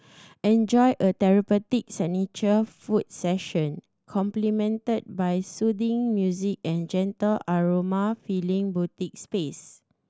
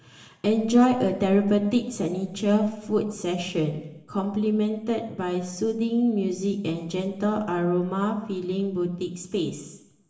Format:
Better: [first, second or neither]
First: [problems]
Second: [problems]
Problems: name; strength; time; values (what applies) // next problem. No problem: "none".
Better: first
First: none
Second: room echo; dies away in 0.9 s